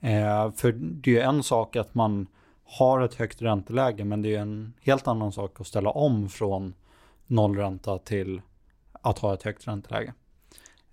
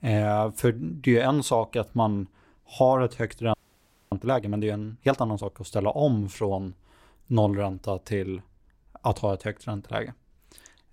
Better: first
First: none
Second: audio freezing; at 3.5 s for 0.5 s

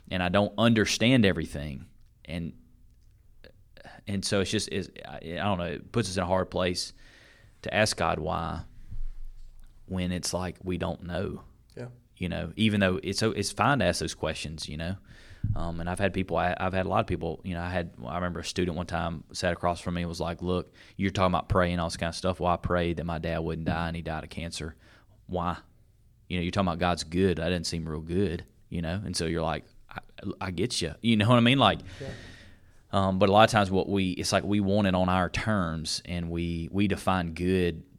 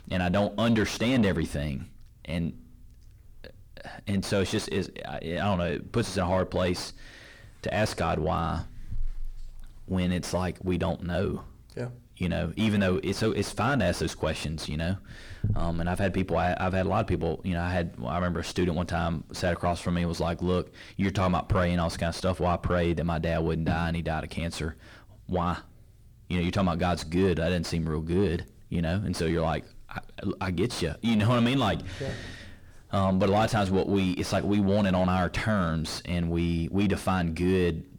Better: first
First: none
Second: distortion; heavy; 6 dB below the speech

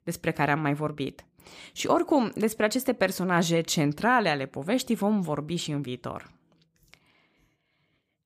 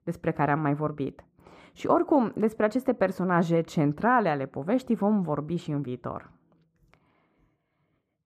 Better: first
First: none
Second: muffled; very; fading above 2 kHz

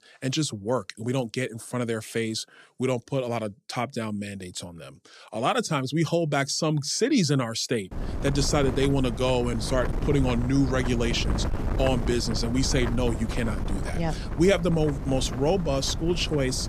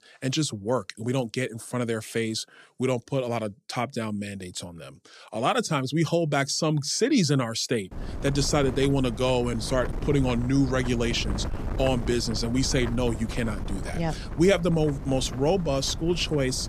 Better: second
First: wind noise on the microphone; heavy; from 8 s on; 10 dB below the speech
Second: wind noise on the microphone; occasional gusts; from 8 s on; 15 dB below the speech

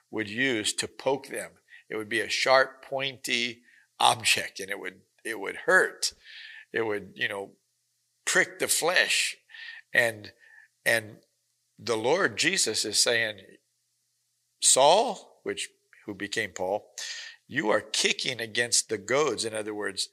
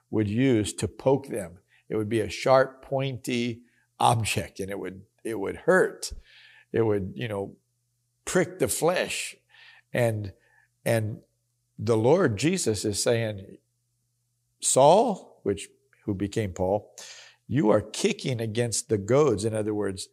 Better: second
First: thin; somewhat; fading below 850 Hz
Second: none

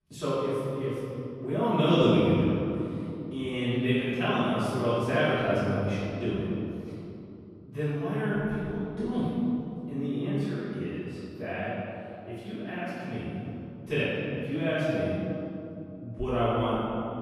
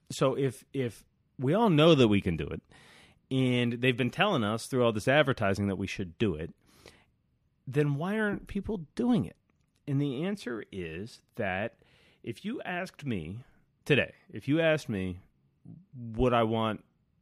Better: second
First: off-mic speech; far // room echo; strong; dies away in 2.8 s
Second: none

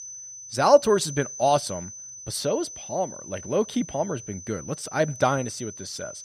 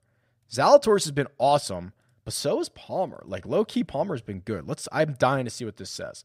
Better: second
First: high-pitched whine; noticeable; throughout; 6 kHz, 10 dB below the speech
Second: none

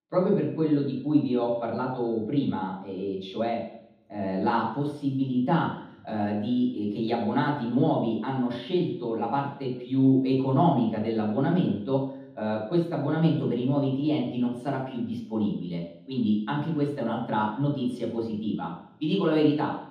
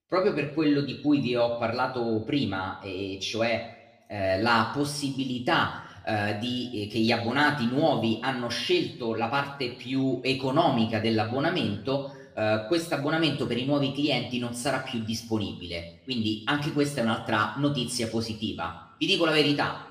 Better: second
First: room echo; strong; dies away in 0.9 s // off-mic speech; far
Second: room echo; slight; dies away in 0.6 s // off-mic speech; somewhat distant

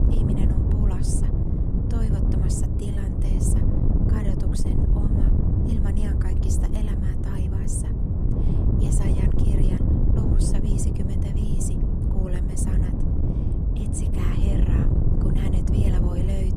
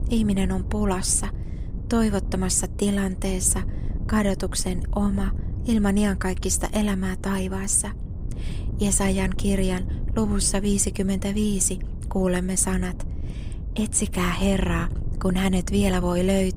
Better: second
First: wind noise on the microphone; heavy; 4 dB above the speech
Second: wind noise on the microphone; occasional gusts; 20 dB below the speech

